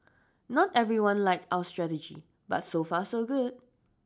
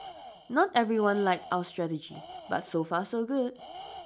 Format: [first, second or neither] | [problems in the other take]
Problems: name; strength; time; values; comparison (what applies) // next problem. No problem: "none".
first | background sound (Tools); 17 dB below the speech